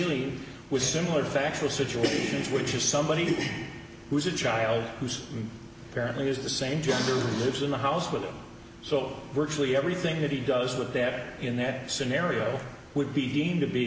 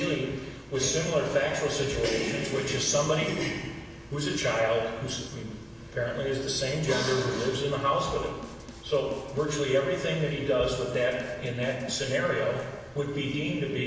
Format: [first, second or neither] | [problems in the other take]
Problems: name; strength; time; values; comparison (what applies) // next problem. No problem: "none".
first | background sound (Drum kit); 18 dB below the speech // room echo; dies away in 1.1 s